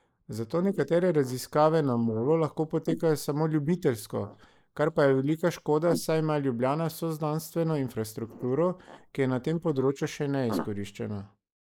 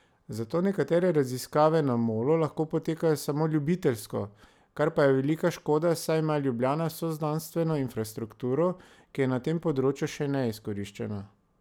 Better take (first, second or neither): second